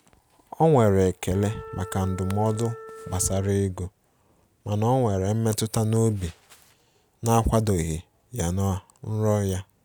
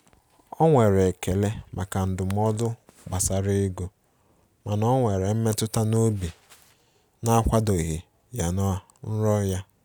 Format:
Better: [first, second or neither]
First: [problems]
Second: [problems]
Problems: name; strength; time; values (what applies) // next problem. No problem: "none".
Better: second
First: background sound (Wind instrument, woodwind instrument); 17 dB below the speech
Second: none